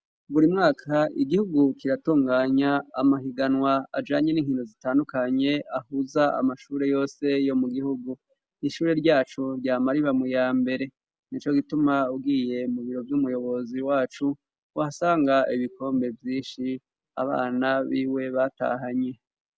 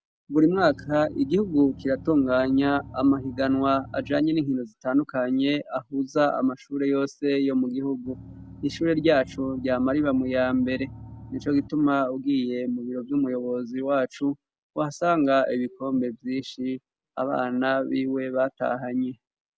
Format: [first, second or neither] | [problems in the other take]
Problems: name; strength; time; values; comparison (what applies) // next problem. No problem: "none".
first | background sound (Engine); 17 dB below the speech